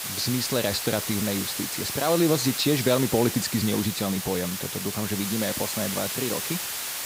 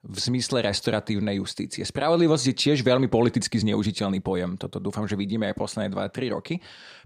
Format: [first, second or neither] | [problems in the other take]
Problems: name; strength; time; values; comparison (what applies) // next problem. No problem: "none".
second | hiss; loud; throughout; 3 dB below the speech